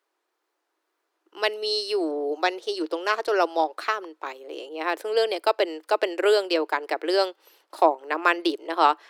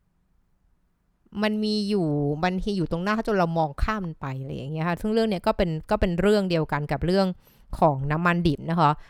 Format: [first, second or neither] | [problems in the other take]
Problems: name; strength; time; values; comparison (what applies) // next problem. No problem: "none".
second | thin; very; fading below 300 Hz